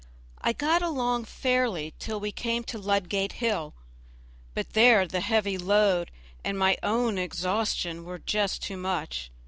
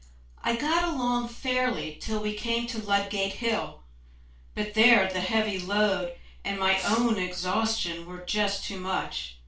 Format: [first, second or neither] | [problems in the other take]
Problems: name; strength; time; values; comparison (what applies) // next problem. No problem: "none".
first | background sound (Fireworks); 15 dB below the speech // room echo; dies away in 0.3 s